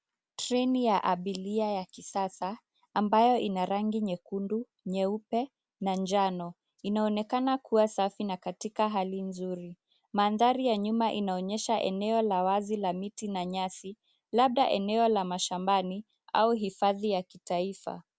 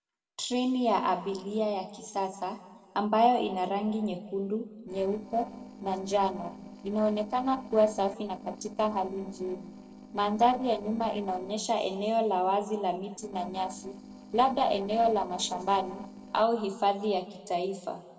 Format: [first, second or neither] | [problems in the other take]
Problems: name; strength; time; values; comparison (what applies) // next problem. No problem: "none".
first | noise reduction (neural separator model SepFormer DNS4)